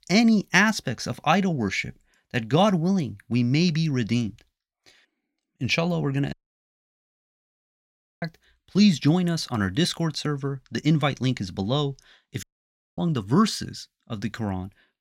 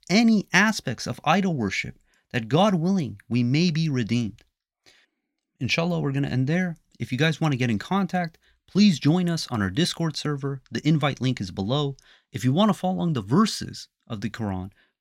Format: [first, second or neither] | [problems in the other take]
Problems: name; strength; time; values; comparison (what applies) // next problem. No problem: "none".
second | audio cutting out; at 6.5 s for 2 s and at 12 s for 0.5 s